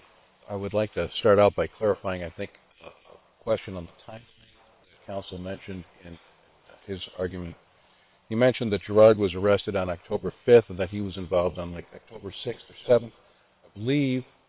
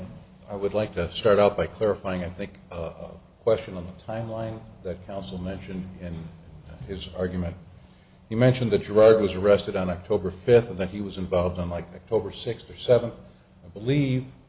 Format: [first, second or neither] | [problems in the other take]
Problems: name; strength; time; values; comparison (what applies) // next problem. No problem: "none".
second | noise reduction (neural separator model SepFormer WHAM!)